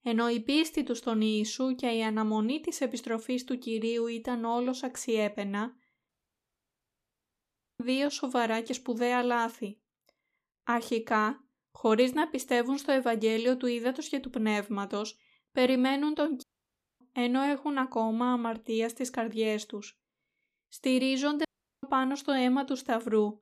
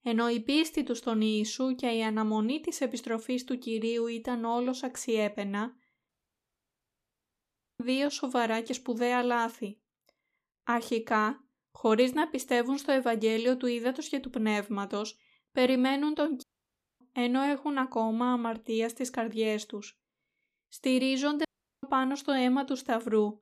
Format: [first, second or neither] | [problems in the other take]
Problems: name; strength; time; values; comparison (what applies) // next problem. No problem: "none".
neither | audio cutting out; at 6 s for 1.5 s, at 16 s for 0.5 s and at 21 s; the same in both